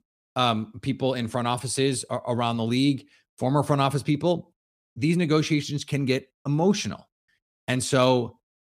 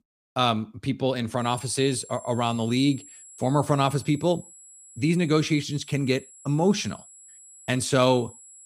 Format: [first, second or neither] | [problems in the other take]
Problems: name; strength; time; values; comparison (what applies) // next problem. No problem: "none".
first | high-pitched whine; faint; from 1.5 s on; 7.5 kHz, 20 dB below the speech